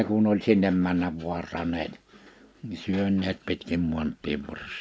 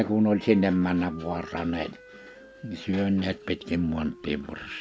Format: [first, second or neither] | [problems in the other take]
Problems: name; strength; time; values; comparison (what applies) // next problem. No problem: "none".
first | background sound (Wind instrument, woodwind instrument); 20 dB below the speech